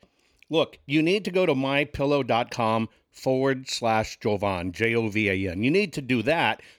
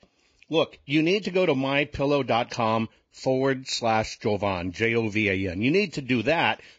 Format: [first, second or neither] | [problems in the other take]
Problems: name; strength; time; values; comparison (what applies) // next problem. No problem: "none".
first | garbled, watery; badly; nothing above 7.5 kHz